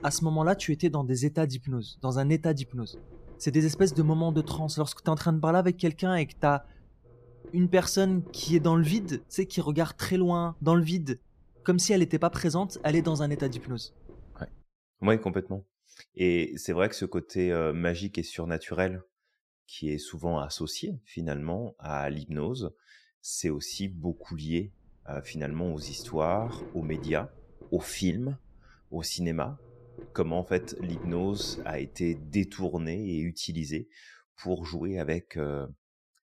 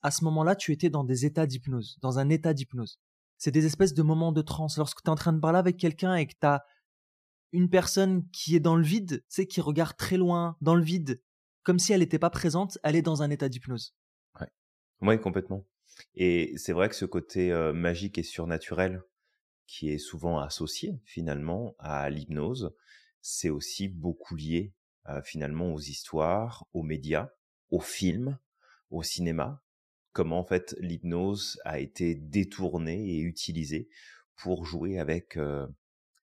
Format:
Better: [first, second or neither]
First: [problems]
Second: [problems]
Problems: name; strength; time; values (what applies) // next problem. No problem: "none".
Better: second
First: low rumble; noticeable; until 15 s and from 24 to 33 s; 20 dB below the speech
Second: none